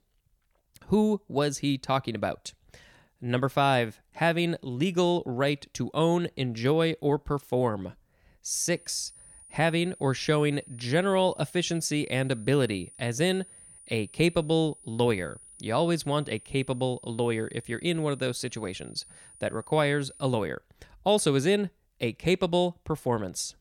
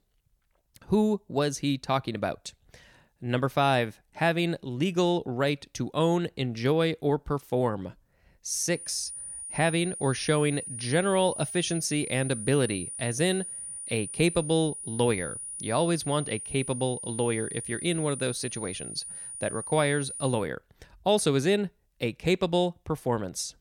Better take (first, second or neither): first